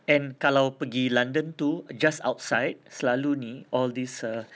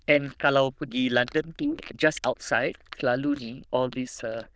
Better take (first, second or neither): first